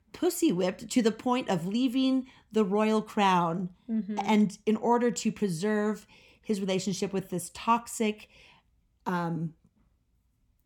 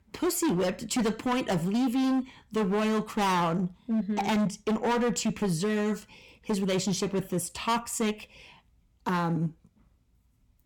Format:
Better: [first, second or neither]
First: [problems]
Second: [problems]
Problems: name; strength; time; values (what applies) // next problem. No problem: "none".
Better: first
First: none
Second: distortion; heavy; 17% of the sound clipped